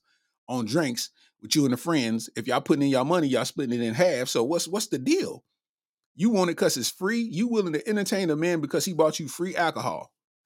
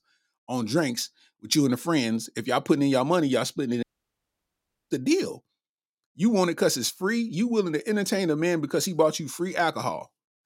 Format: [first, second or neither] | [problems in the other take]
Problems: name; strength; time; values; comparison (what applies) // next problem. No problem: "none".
first | audio cutting out; at 4 s for 1 s